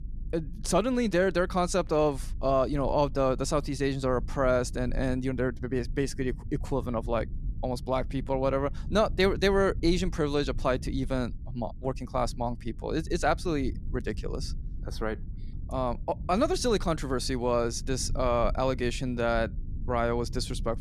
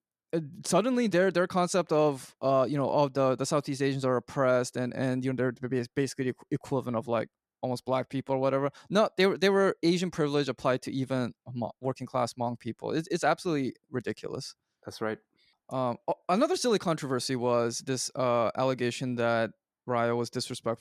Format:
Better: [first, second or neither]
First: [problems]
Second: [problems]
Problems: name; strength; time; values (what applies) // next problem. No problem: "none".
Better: second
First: low rumble; faint; throughout; 25 dB below the speech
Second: none